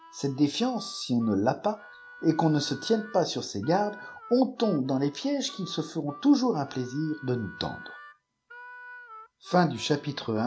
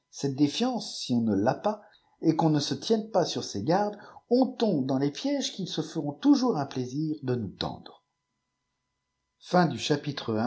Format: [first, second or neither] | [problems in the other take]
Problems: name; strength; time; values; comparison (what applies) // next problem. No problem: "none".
second | background sound (Harmonica); 20 dB below the speech